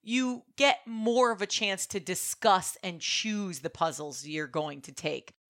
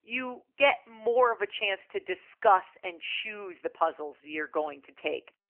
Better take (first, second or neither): first